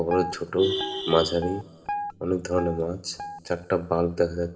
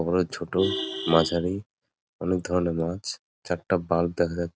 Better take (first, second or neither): second